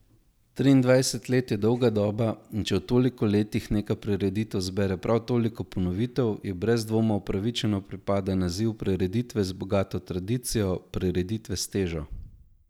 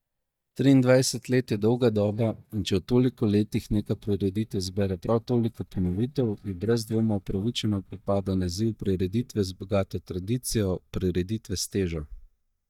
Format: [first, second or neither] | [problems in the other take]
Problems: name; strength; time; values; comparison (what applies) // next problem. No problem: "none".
first | noise reduction (neural mask model DeepFilterNet 3)